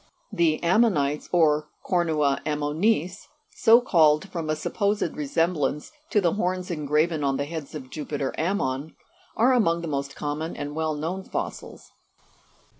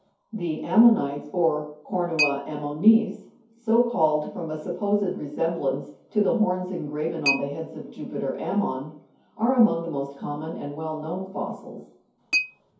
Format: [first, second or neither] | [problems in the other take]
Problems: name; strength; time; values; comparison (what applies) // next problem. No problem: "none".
first | background sound (Chink, clink); 12 dB below the speech // room echo; dies away in 0.6 s